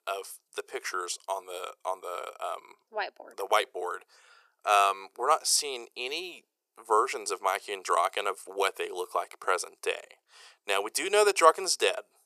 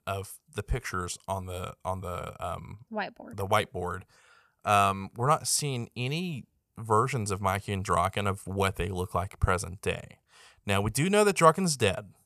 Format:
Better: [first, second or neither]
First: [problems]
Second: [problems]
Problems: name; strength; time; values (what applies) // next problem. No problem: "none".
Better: second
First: thin; very; fading below 350 Hz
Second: none